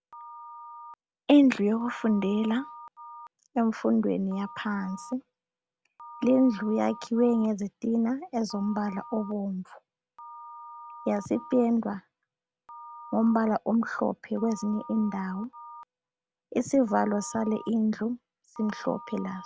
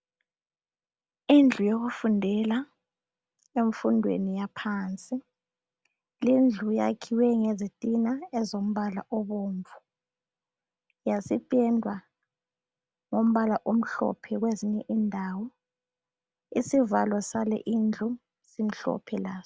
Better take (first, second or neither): second